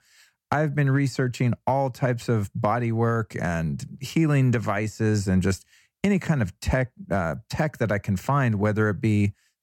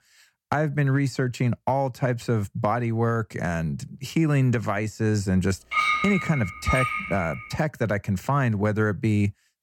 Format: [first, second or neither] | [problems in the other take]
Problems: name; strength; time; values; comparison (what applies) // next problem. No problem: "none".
first | clattering dishes; loud; from 5.5 to 7.5 s; peak 3 dB above the speech